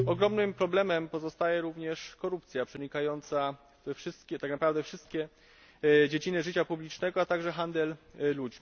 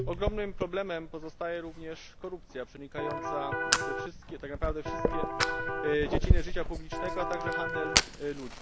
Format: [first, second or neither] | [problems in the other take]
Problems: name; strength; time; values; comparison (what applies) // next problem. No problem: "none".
first | background sound (Fire + Electric guitar); 5 dB above the speech